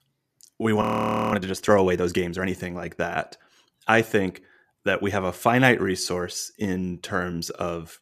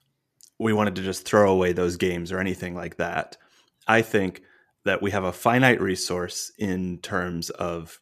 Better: second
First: audio freezing; at 1 s for 0.5 s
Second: none

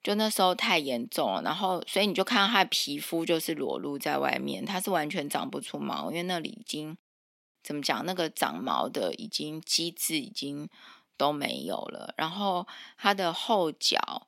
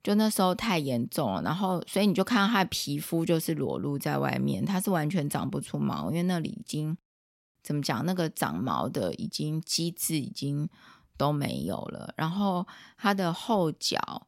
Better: second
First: thin; somewhat; fading below 250 Hz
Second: none

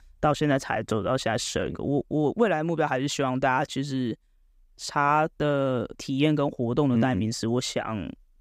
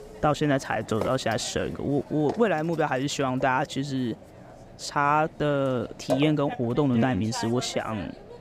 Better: first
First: none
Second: hiss; noticeable; throughout; 15 dB below the speech

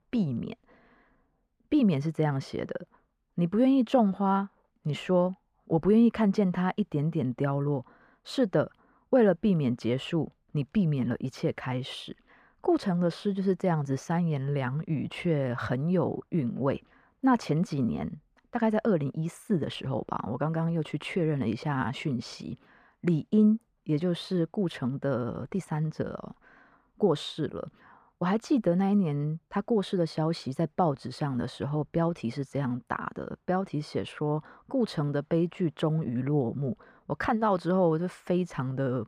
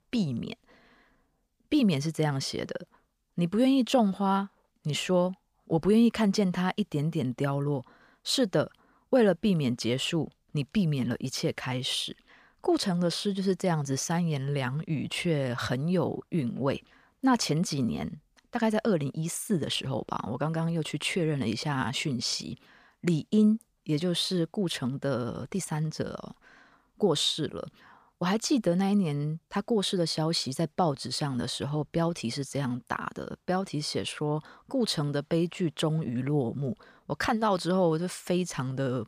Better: second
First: muffled; slightly; fading above 3 kHz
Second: none

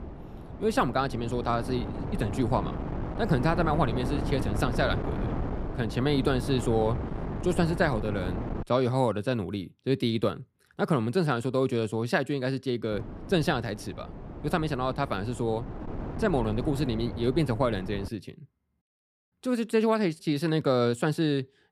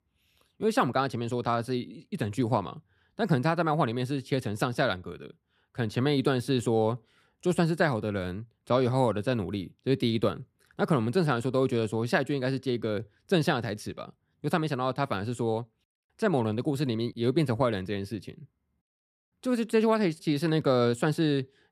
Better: second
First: wind noise on the microphone; occasional gusts; until 8.5 s and from 13 to 18 s; 10 dB below the speech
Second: none

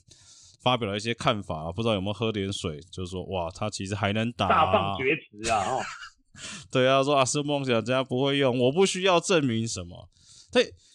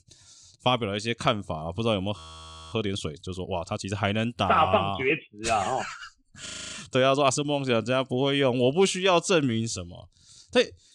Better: first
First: none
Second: audio freezing; at 2 s for 0.5 s and at 6.5 s

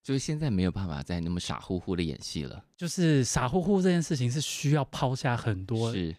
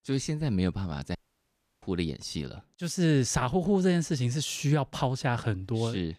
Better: first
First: none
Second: audio cutting out; at 1 s for 0.5 s

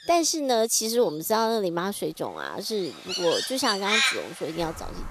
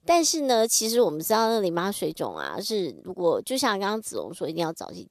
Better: second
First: animal sounds; very loud; throughout; as loud as the speech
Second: none

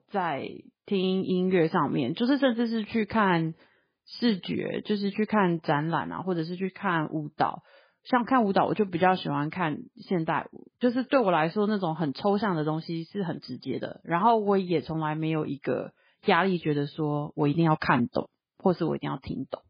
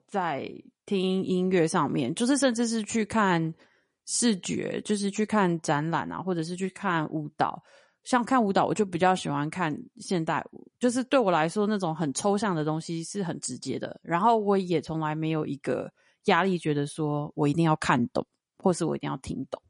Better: second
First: garbled, watery; badly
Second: garbled, watery; slightly; nothing above 10.5 kHz

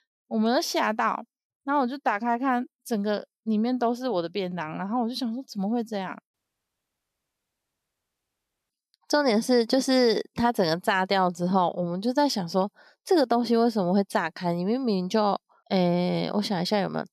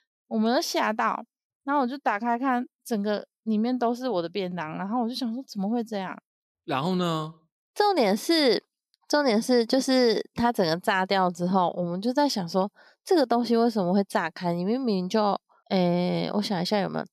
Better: second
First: audio cutting out; at 6.5 s for 2.5 s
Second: none

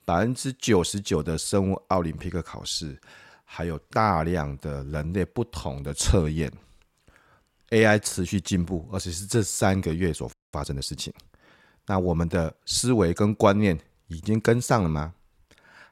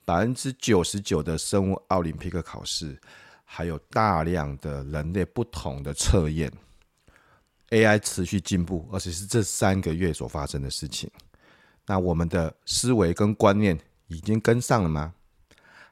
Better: second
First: audio freezing; at 10 s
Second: none

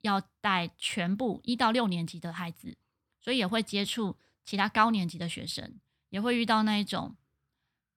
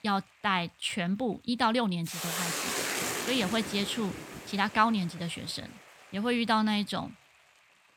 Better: first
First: none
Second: hiss; loud; throughout; 4 dB below the speech

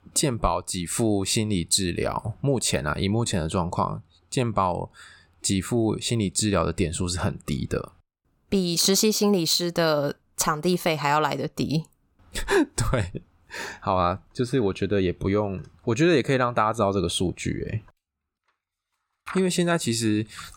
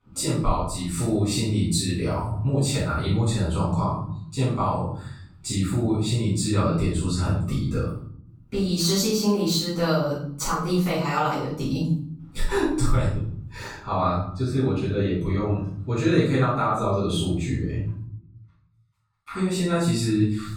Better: first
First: none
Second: off-mic speech; far // room echo; noticeable; dies away in 0.8 s

